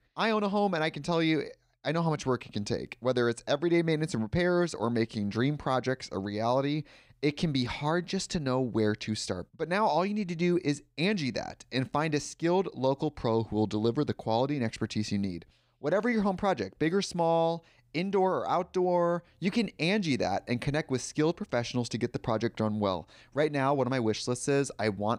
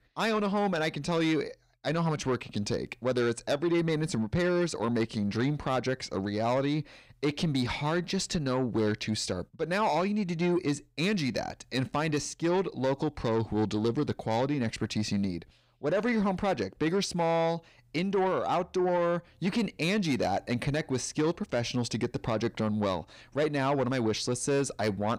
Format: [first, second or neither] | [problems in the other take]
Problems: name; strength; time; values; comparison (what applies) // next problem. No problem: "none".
first | distortion; slight; 10 dB below the speech